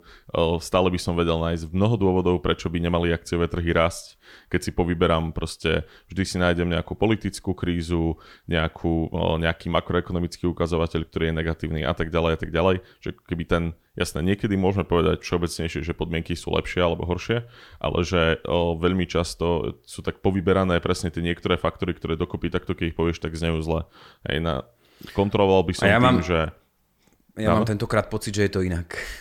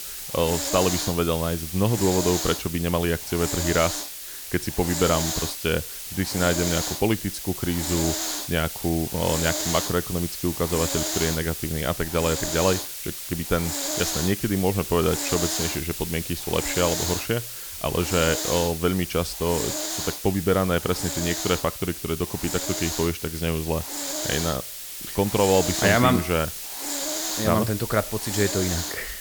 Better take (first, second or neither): first